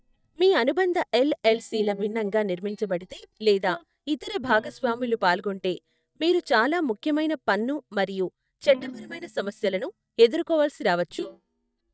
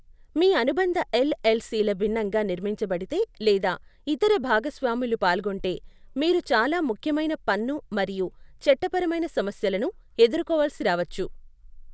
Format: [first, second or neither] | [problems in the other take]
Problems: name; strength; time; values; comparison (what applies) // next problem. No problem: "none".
second | noise reduction (neural mask model DeepFilterNet 3)